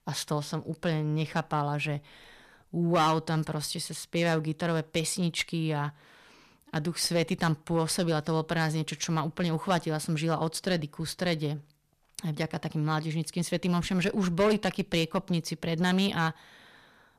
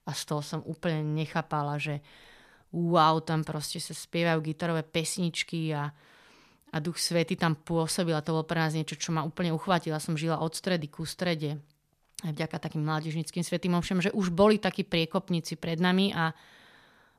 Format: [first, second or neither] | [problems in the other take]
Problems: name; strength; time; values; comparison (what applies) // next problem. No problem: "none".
second | distortion; slight; 6% of the sound clipped